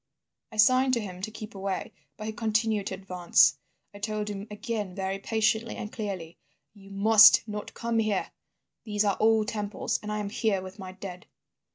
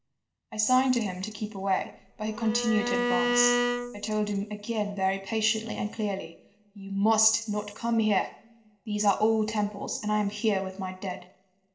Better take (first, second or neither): first